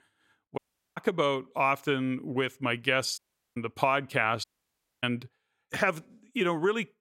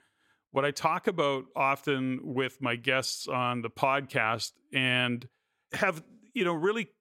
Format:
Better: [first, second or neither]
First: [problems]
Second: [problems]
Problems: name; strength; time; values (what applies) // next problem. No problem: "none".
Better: second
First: audio cutting out; at 0.5 s, at 3 s and at 4.5 s for 0.5 s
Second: none